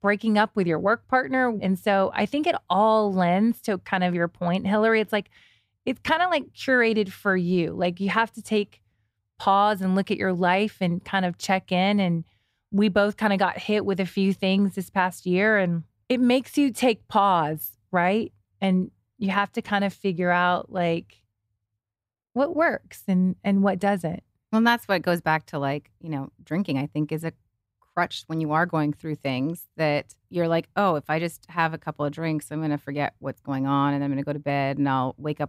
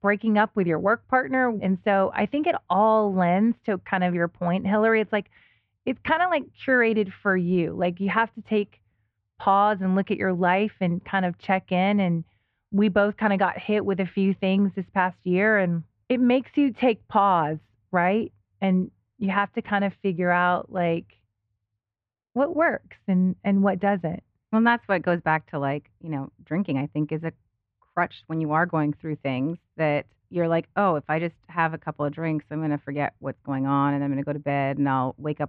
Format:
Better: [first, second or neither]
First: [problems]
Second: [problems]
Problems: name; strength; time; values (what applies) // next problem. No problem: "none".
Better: first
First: none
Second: muffled; very; fading above 2.5 kHz